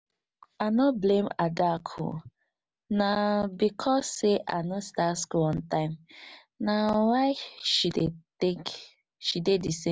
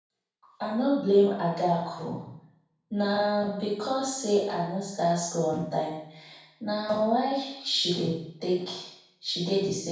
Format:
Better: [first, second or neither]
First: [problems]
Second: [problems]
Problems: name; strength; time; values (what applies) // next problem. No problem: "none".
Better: first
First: none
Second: room echo; dies away in 0.7 s